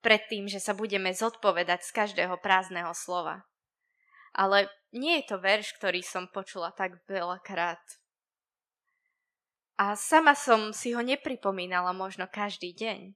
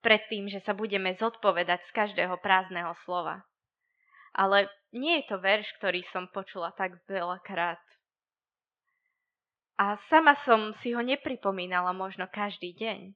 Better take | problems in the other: first | muffled; slightly; fading above 3.5 kHz

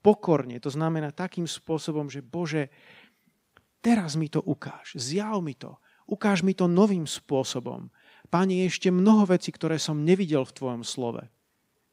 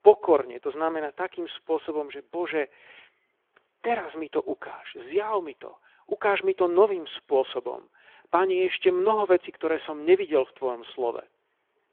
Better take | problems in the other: first | phone-call audio; nothing above 3.5 kHz

